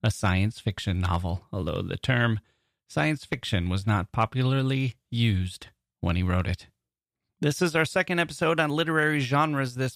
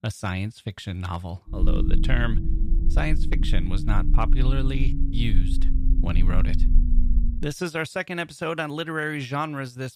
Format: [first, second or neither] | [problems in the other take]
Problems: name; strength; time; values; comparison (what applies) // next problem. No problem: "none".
first | low rumble; loud; from 1.5 to 7.5 s; 10 dB below the speech